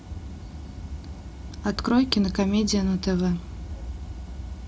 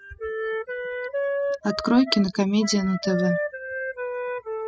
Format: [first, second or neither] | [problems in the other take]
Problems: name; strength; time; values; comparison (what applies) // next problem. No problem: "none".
first | noise reduction (classical method spectral subtraction)